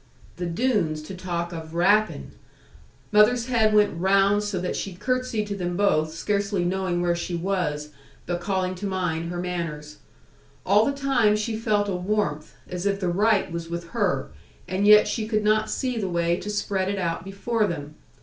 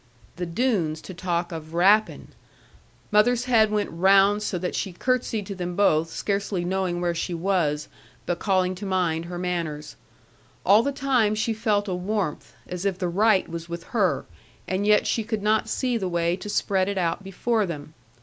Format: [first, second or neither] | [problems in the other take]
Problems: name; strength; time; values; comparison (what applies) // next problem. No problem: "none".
second | room echo; dies away in 0.3 s